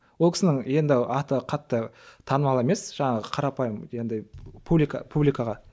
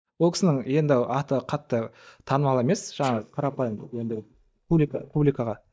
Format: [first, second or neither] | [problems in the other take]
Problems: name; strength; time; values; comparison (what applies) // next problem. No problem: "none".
first | noise reduction (neural mask model DeepFilterNet 3)